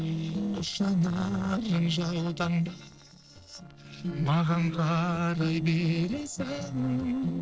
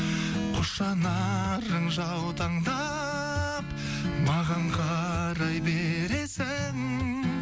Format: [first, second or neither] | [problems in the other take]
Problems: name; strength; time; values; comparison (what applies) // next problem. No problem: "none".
second | noise reduction (neural separator model SepFormer DNS4)